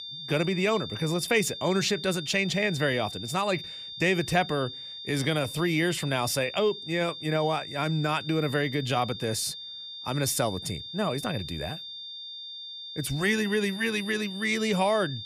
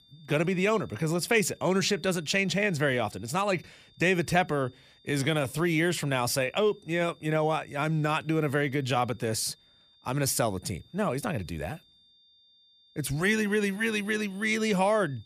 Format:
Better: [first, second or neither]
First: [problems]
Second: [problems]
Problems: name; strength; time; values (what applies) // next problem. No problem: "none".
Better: second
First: high-pitched whine; loud; throughout; 3.5 kHz, 10 dB below the speech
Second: high-pitched whine; faint; throughout; 3.5 kHz, 30 dB below the speech